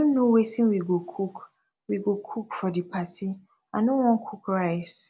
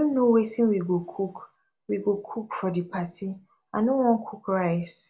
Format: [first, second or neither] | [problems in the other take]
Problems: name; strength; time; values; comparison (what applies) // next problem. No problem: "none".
first | room echo; dies away in 0.2 s